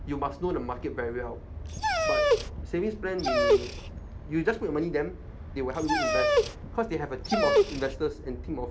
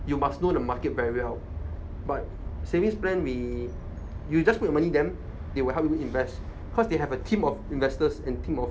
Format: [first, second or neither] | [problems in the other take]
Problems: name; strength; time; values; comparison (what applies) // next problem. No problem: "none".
second | background sound (Dog); 4 dB above the speech